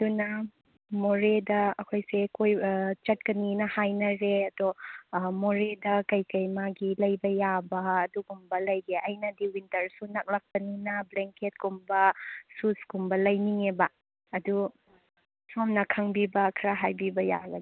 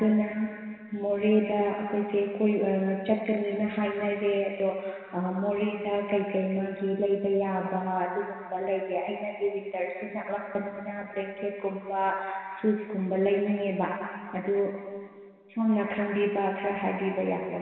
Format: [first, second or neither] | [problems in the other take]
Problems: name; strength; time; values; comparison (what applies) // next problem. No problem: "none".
first | room echo; dies away in 2.2 s